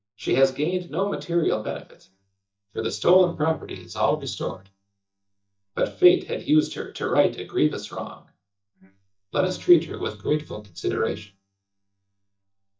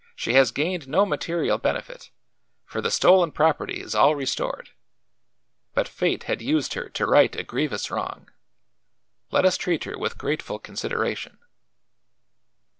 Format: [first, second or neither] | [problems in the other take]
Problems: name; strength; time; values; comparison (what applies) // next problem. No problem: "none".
second | noise reduction (neural mask model DeepFilterNet 3)